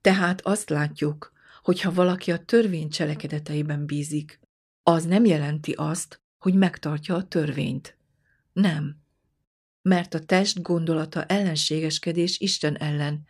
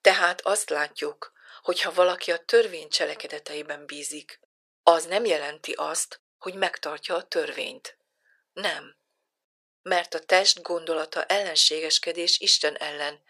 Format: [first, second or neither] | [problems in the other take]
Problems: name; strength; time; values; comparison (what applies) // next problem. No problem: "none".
first | thin; very; fading below 500 Hz